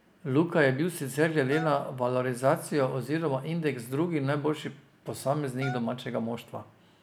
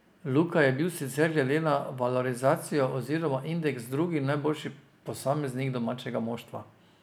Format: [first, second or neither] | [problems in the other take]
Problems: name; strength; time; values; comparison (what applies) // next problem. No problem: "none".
second | background sound (Wind instrument, woodwind instrument); 14 dB below the speech